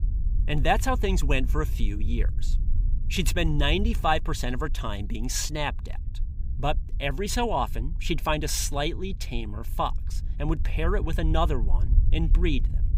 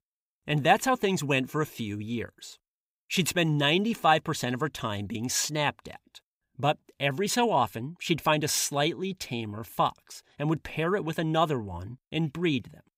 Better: second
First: low rumble; faint; throughout; 20 dB below the speech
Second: none

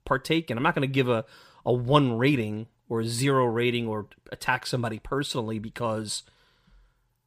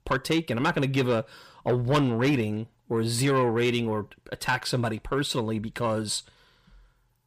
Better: first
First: none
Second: distortion; slight; 10 dB below the speech

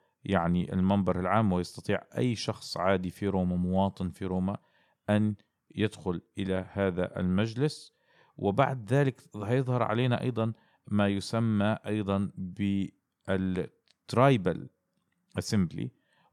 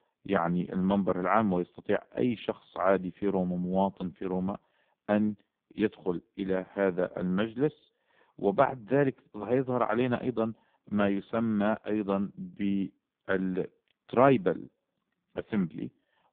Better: first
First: none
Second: phone-call audio; poor line

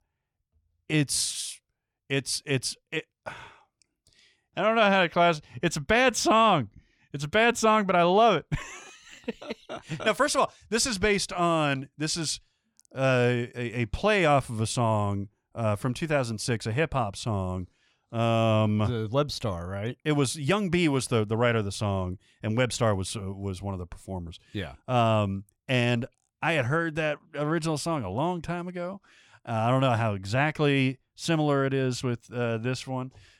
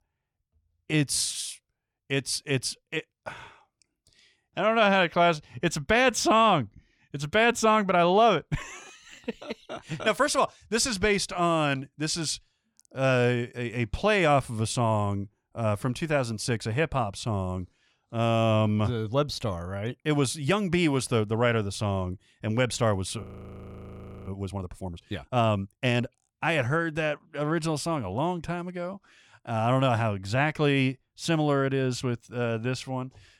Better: first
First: none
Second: audio freezing; at 23 s for 1 s

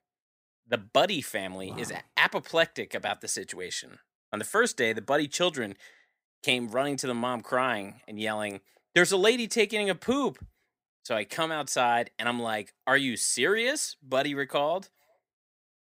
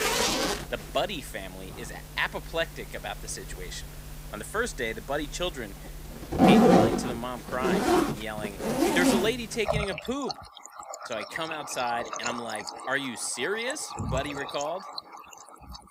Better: first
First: none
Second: household noises; very loud; throughout; 5 dB above the speech

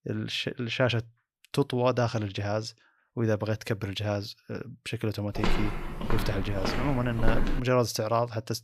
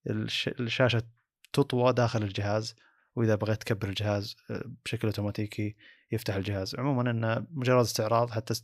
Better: second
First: footsteps; noticeable; from 5.5 to 7.5 s; peak 1 dB below the speech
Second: none

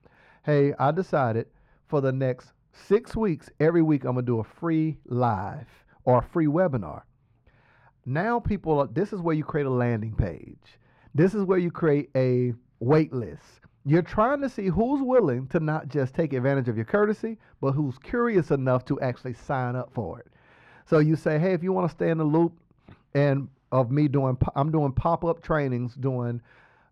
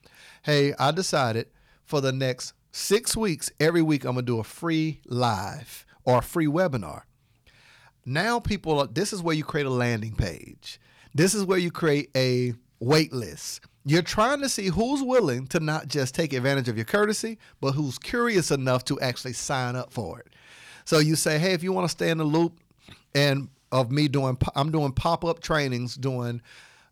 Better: second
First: muffled; very; fading above 3 kHz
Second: none

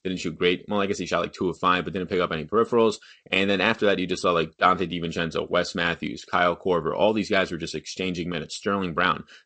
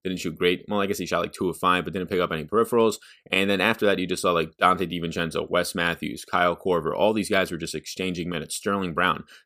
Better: second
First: garbled, watery; slightly; nothing above 8 kHz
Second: none

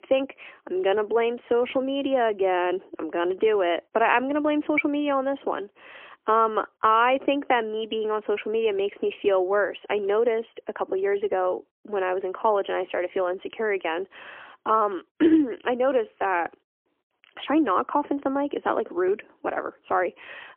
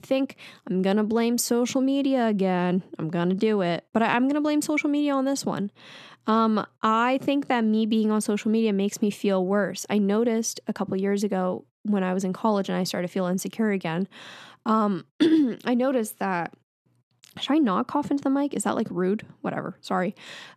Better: second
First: phone-call audio; poor line; nothing above 3 kHz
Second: none

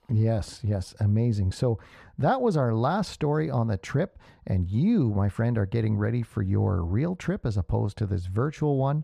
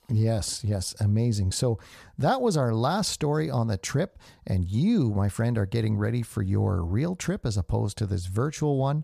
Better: second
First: muffled; slightly; fading above 4 kHz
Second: none

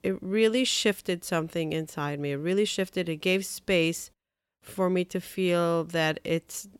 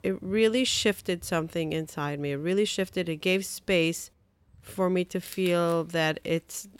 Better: first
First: none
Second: animal sounds; faint; throughout; 25 dB below the speech

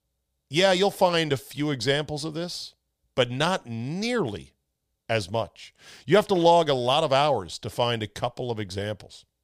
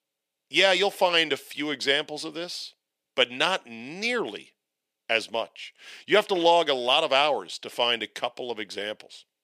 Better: first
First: none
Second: thin; somewhat; fading below 250 Hz

